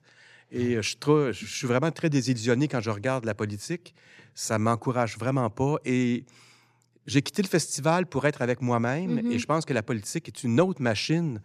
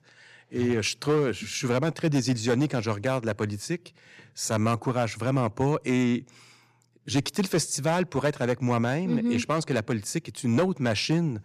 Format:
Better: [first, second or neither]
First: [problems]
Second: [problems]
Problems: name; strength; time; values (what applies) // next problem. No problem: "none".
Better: first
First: none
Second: distortion; slight; 4% of the sound clipped